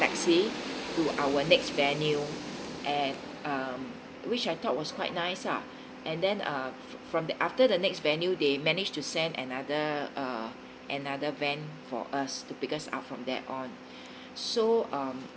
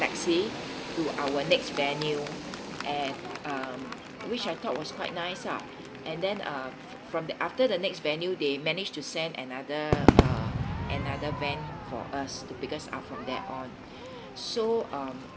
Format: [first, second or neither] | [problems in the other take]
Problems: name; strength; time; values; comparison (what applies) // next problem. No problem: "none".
first | background sound (Crowd / Fireworks); 2 dB below the speech